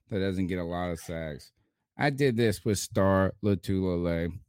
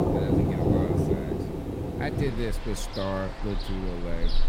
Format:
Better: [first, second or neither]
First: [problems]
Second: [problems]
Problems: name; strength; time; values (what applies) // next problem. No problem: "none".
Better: first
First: none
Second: rain or running water; very loud; throughout; 5 dB above the speech